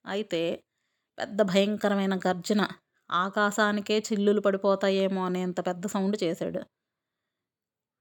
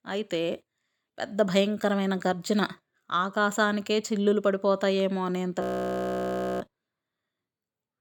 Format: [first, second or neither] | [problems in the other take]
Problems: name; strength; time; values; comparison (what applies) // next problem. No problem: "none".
first | audio freezing; at 5.5 s for 1 s